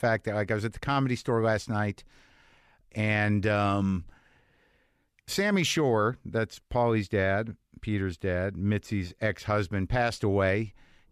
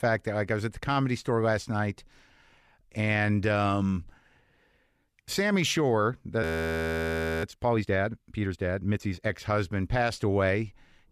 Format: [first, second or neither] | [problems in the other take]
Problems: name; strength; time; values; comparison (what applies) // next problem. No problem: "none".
first | audio freezing; at 6.5 s for 1 s